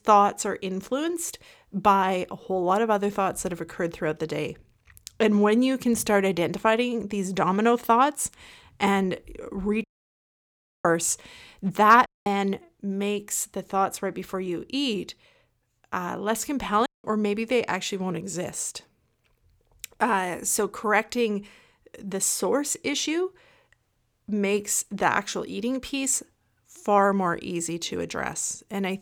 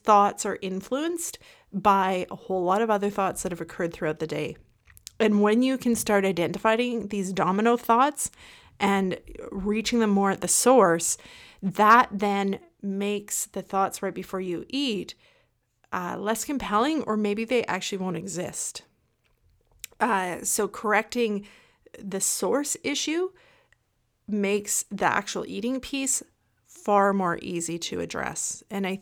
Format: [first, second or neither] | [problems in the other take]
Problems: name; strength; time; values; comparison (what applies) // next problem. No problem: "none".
second | audio cutting out; at 10 s for 1 s, at 12 s and at 17 s